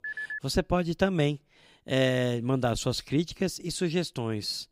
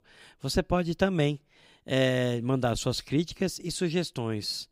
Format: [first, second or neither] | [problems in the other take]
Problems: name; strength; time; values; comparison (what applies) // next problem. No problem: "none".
second | phone ringing; noticeable; at the start; peak 6 dB below the speech